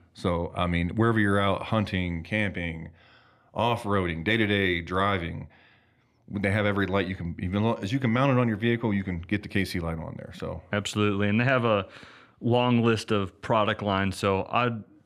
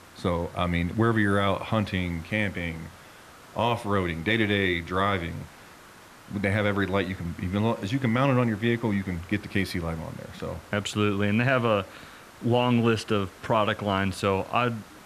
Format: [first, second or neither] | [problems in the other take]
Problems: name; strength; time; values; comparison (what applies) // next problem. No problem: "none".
first | hiss; faint; throughout; 20 dB below the speech